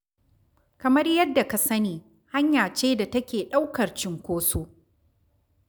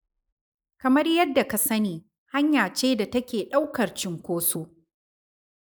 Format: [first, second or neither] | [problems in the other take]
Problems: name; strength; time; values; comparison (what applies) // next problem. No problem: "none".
first | noise reduction (neural mask model Resemble Enhance denoiser)